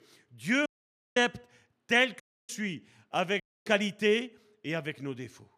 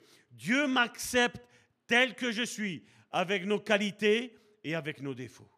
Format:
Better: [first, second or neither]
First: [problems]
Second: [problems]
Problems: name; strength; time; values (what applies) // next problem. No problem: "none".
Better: second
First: audio cutting out; at 0.5 s, at 2 s and at 3.5 s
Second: none